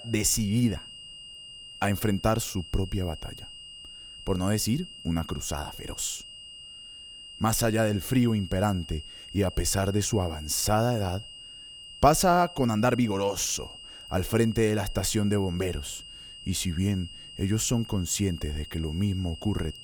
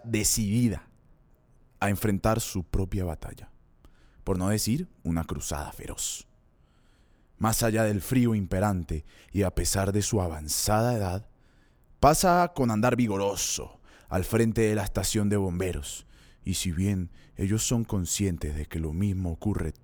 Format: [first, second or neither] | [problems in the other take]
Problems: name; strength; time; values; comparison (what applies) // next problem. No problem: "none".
second | high-pitched whine; noticeable; throughout; 3 kHz, 15 dB below the speech